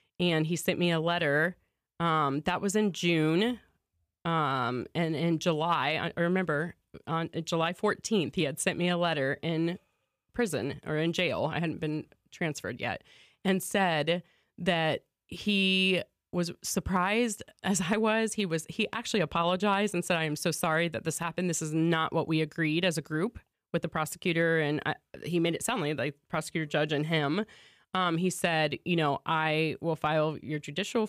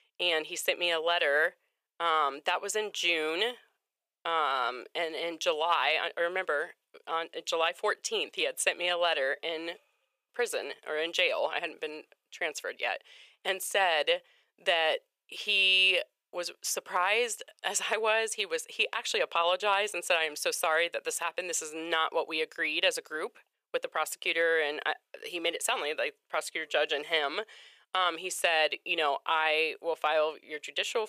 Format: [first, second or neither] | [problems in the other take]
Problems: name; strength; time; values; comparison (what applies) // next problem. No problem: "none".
first | thin; very; fading below 500 Hz